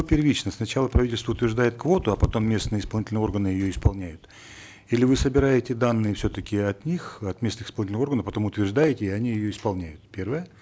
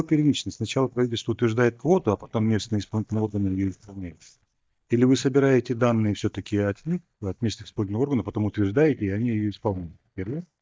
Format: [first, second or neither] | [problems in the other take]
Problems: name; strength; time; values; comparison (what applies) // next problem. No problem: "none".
first | noise reduction (neural mask model DeepFilterNet 3)